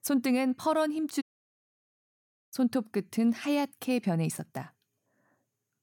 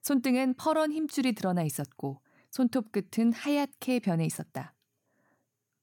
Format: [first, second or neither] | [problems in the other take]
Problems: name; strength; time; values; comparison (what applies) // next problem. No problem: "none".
second | audio cutting out; at 1 s for 1.5 s